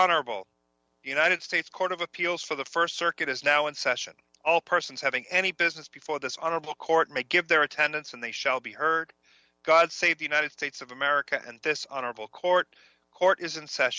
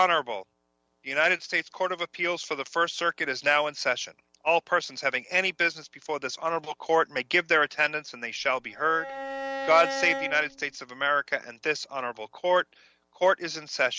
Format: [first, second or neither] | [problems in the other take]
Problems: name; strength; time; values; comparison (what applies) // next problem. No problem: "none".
first | background sound (Bowed string instrument); 7 dB below the speech